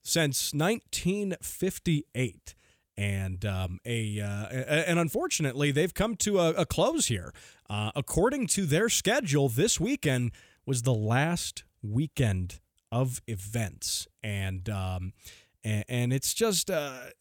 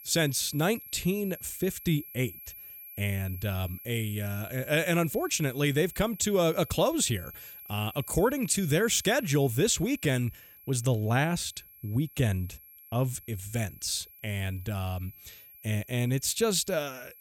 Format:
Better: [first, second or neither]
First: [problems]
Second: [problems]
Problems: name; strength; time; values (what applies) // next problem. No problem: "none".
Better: first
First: none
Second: high-pitched whine; noticeable; throughout; 11.5 kHz, 15 dB below the speech